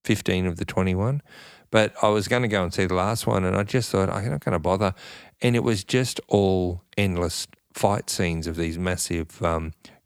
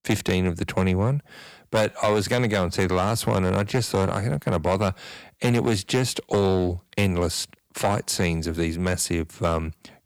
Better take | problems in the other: first | distortion; slight; 4% of the sound clipped

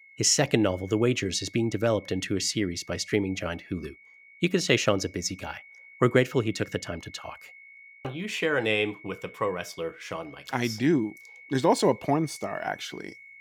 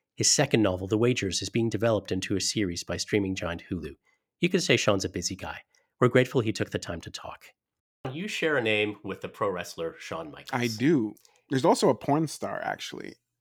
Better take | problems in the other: second | high-pitched whine; faint; throughout; 2 kHz, 20 dB below the speech

